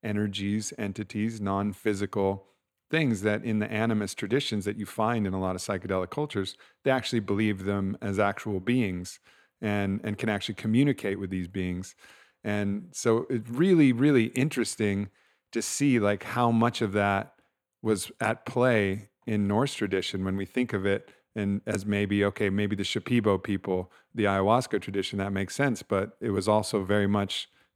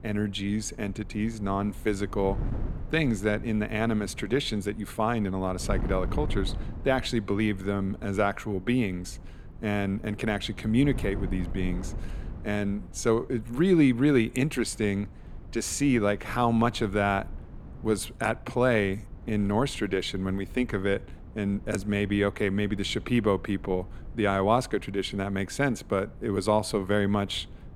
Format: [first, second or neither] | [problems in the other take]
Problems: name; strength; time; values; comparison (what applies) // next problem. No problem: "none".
first | wind noise on the microphone; occasional gusts; 20 dB below the speech